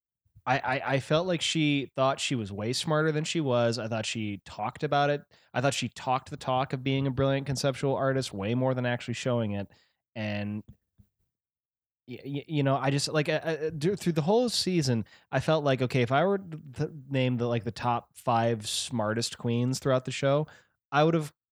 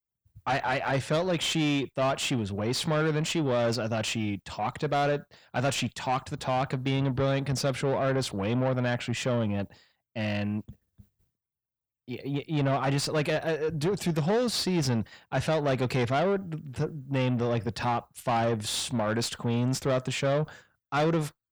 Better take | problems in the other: first | distortion; slight; 10 dB below the speech

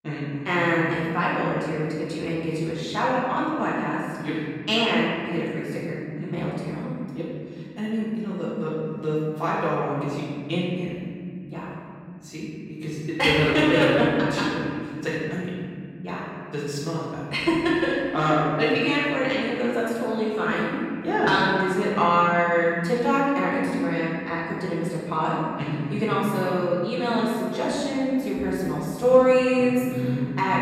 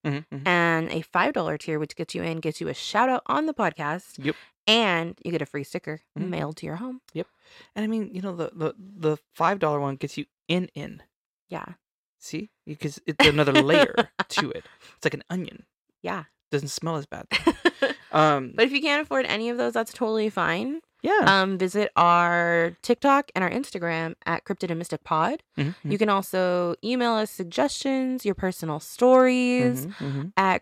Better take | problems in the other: second | room echo; strong; dies away in 3 s // off-mic speech; far

